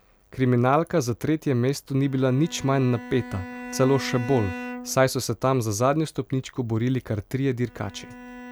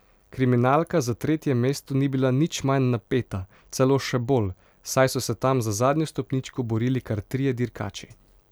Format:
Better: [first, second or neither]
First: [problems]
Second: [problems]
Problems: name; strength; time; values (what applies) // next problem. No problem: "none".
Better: second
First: background sound (Bowed string instrument); 16 dB below the speech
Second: none